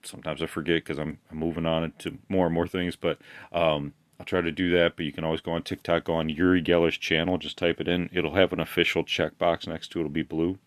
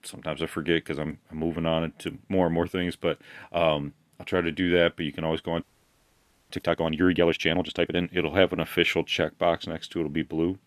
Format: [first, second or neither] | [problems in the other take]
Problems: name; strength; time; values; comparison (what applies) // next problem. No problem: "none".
first | audio freezing; at 5.5 s for 1 s